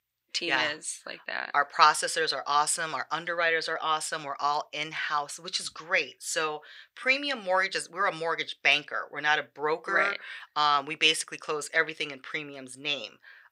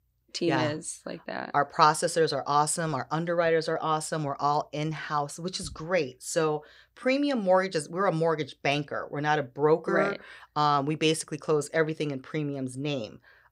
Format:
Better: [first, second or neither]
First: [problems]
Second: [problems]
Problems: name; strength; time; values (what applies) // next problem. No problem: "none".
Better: second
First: thin; somewhat; fading below 1 kHz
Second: none